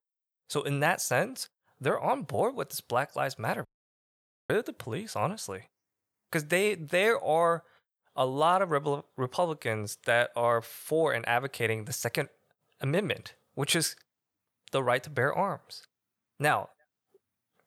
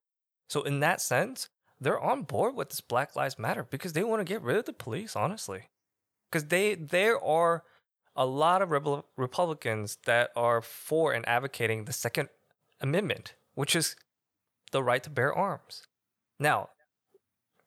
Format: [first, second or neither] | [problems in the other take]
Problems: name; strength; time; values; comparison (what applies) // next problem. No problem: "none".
second | audio cutting out; at 3.5 s for 1 s